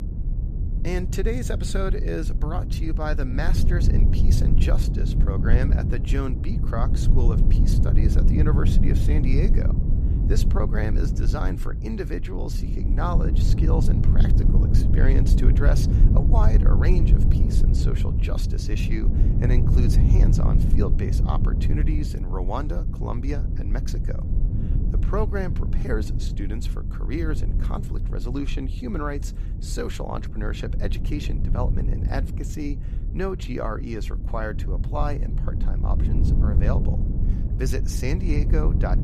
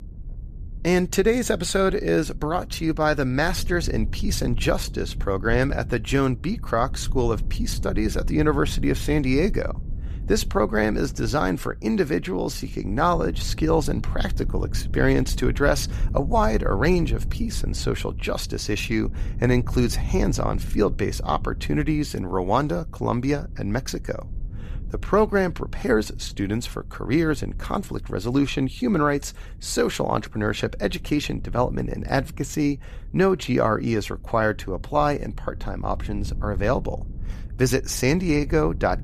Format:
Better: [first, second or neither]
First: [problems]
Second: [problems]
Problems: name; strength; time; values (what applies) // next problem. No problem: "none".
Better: second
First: low rumble; loud; throughout; 4 dB below the speech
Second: low rumble; faint; throughout; 25 dB below the speech